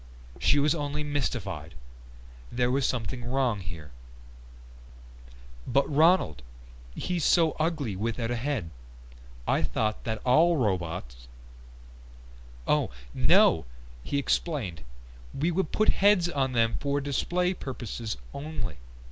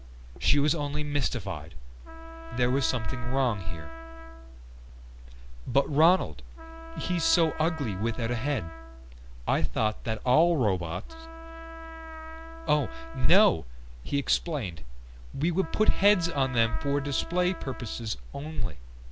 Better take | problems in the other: first | background sound (Trumpet); 20 dB below the speech

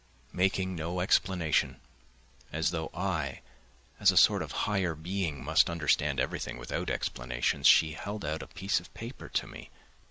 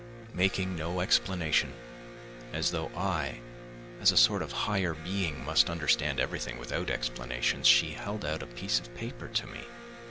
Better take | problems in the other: first | background sound (Electric guitar); 13 dB below the speech

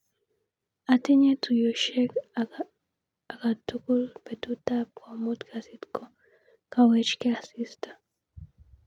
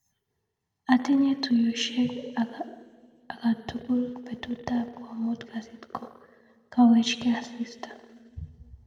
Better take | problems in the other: first | room echo; dies away in 1.5 s

